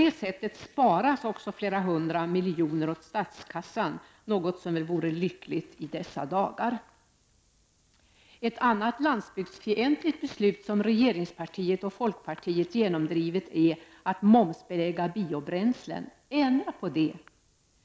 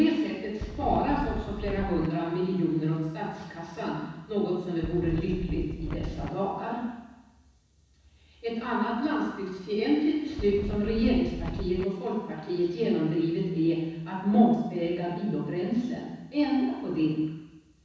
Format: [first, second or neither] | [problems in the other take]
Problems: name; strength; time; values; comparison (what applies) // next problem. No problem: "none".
first | background sound (Wind); 6 dB below the speech // room echo; dies away in 1.1 s